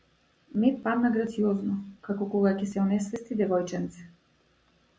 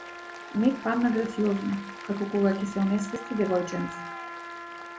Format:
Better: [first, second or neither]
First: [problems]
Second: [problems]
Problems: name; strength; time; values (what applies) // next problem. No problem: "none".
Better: first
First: none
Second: background sound (Applause + Trumpet); 12 dB below the speech